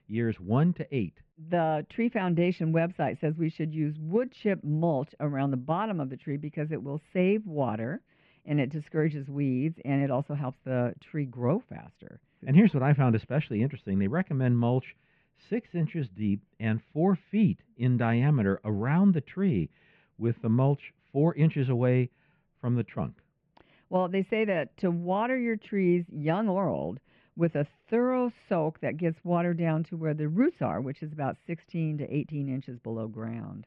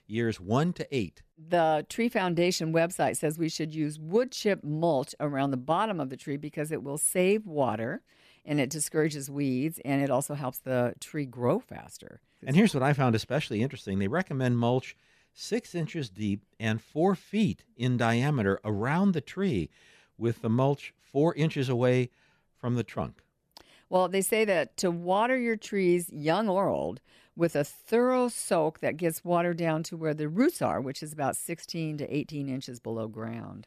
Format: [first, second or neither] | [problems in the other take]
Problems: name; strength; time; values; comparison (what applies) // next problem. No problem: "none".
second | muffled; very; fading above 2.5 kHz